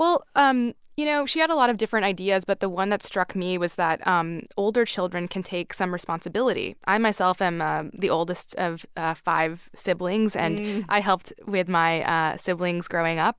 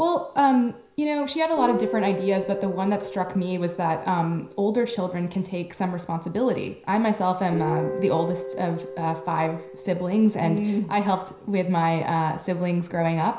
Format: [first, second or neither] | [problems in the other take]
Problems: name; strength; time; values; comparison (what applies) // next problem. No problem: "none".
first | background sound (Guitar); 12 dB below the speech // room echo; dies away in 0.5 s